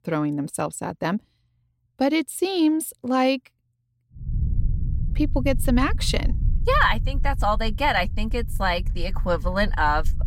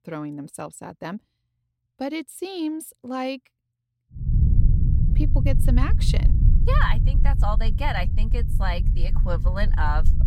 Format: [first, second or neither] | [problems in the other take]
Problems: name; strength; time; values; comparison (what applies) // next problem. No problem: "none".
first | low rumble; loud; from 4.5 s on; 8 dB below the speech; faint in the first